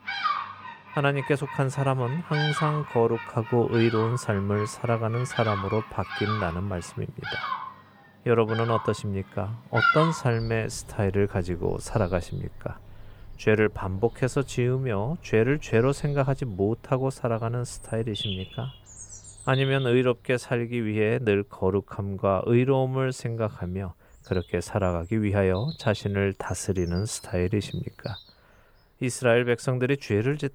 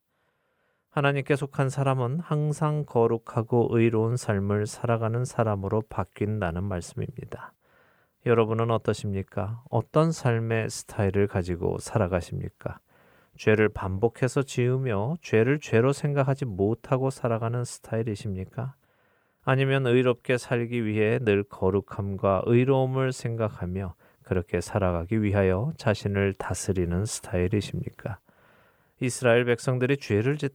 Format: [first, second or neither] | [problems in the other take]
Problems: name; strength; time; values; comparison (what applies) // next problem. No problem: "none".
second | animal sounds; loud; throughout; 7 dB below the speech